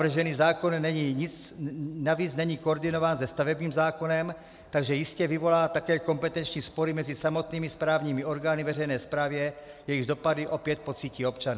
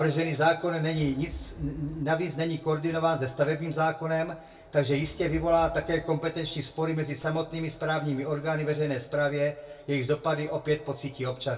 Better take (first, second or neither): first